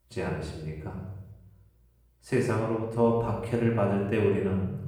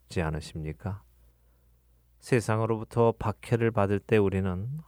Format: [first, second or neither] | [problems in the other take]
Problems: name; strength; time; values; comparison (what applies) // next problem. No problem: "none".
second | off-mic speech; far // room echo; noticeable; dies away in 0.8 s